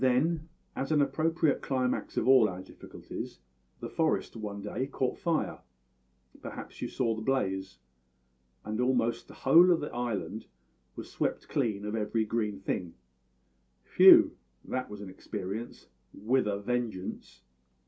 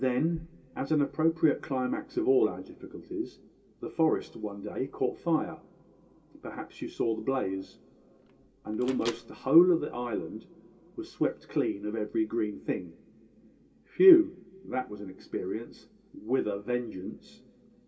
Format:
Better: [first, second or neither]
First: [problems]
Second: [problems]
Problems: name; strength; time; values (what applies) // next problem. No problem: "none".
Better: first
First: none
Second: background sound (Microwave oven); 18 dB below the speech // room echo; dies away in 2.3 s